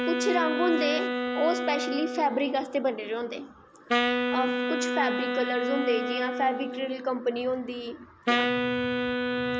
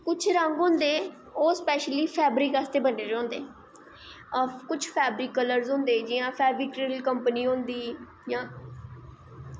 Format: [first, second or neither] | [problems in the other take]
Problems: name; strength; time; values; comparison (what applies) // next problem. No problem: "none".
second | background sound (Wind instrument, woodwind instrument); as loud as the speech